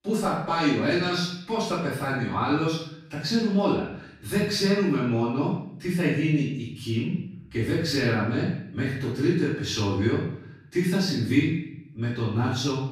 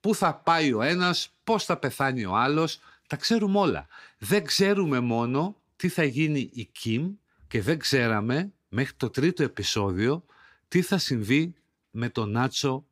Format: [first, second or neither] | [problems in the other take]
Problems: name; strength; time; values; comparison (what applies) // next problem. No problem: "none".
second | room echo; noticeable; dies away in 0.7 s // off-mic speech; far